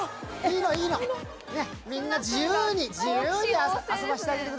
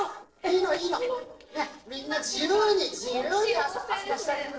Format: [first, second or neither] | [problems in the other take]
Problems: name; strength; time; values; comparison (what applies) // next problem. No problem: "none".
first | noise reduction (neural separator model SepFormer DNS4)